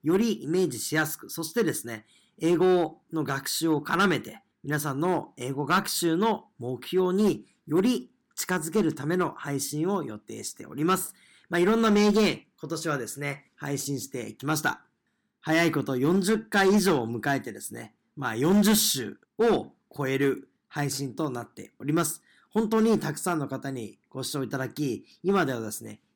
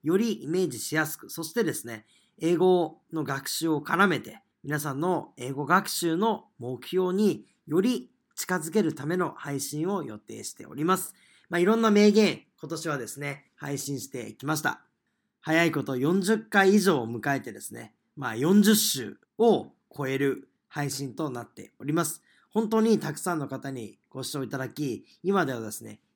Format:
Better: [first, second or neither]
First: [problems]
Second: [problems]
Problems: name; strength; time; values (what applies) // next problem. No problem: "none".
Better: second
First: distortion; slight; 3% of the sound clipped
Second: none